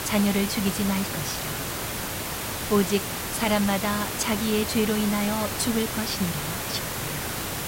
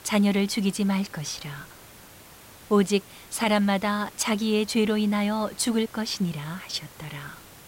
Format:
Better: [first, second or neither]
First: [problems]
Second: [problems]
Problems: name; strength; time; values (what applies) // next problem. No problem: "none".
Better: second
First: hiss; loud; throughout; 3 dB below the speech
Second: hiss; faint; throughout; 20 dB below the speech